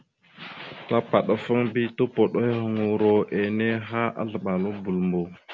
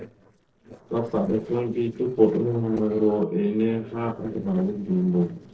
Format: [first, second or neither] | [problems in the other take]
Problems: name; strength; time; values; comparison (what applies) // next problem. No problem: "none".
first | noise reduction (neural separator model SepFormer DNS4)